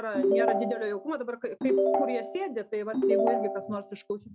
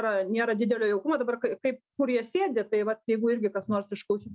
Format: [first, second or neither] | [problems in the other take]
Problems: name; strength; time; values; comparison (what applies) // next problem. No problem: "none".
second | background sound (Ringtone / Chime); 5 dB above the speech